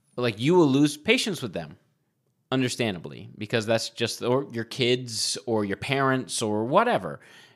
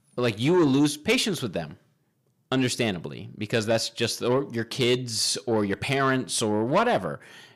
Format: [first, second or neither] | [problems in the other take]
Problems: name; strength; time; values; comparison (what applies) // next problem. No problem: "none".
first | distortion; slight; 10 dB below the speech